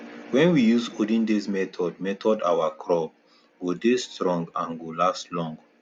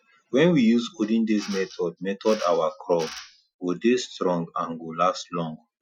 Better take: first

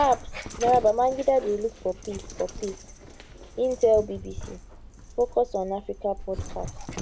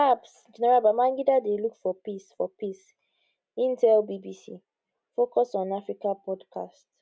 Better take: second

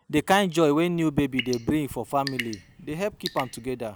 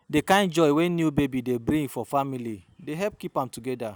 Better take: second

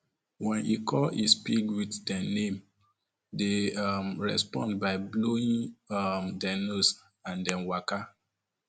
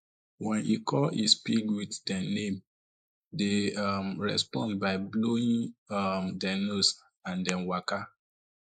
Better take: first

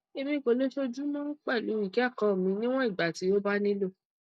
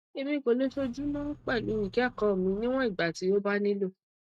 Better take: first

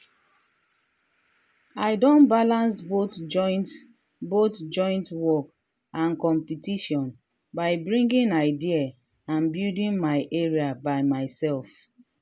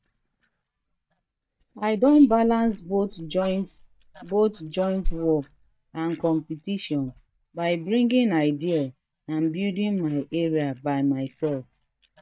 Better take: first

